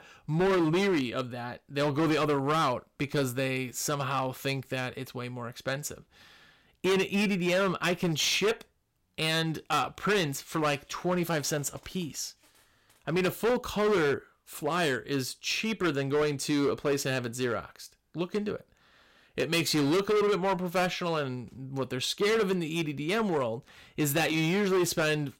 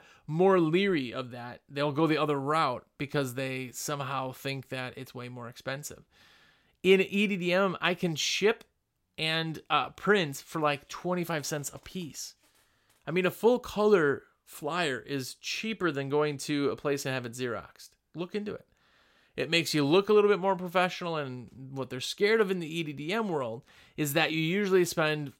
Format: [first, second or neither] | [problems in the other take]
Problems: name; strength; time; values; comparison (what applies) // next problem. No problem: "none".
second | distortion; heavy; 11% of the sound clipped